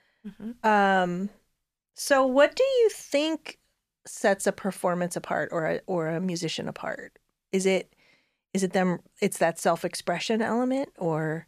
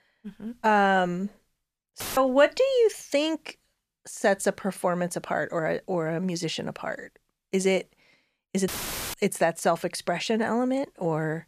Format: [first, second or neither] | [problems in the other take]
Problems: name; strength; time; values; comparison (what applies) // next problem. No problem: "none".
first | audio cutting out; filled with static; at 2 s and at 8.5 s